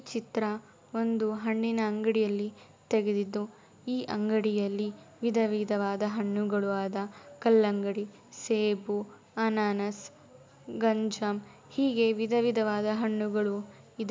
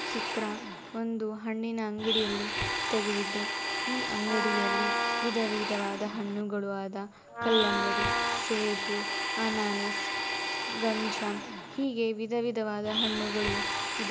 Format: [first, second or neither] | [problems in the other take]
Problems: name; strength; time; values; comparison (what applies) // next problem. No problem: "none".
first | background sound (Domestic sounds, home sounds + Wind instrument, woodwind instrument); as loud as the speech